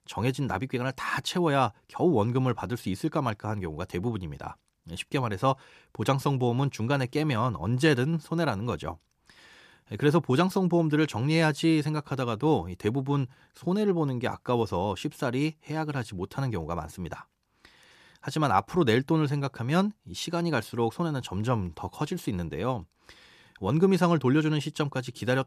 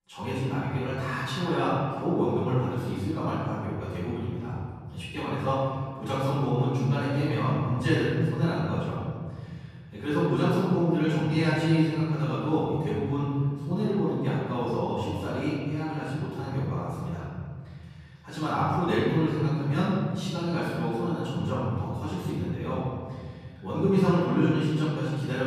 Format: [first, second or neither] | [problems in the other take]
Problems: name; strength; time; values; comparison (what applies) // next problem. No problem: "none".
first | off-mic speech; far // room echo; strong; dies away in 2.4 s